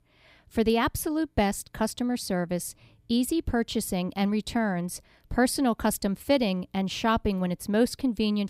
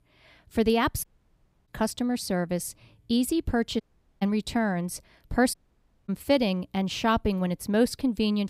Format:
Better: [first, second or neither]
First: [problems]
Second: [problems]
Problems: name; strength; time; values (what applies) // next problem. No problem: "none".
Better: first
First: none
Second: audio cutting out; at 1 s for 0.5 s, at 4 s and at 5.5 s for 0.5 s